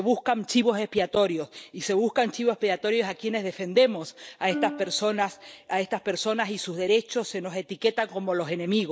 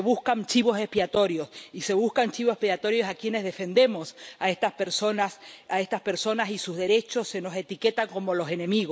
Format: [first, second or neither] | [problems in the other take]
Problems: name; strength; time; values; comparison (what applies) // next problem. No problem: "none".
second | noise reduction (neural mask model DeepFilterNet 3)